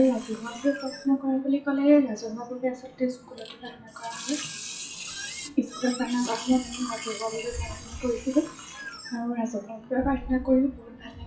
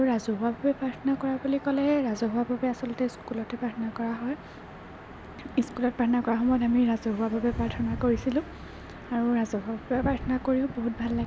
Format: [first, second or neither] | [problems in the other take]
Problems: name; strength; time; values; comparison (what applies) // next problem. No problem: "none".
second | noise reduction (classical method WPE with log-MMSE)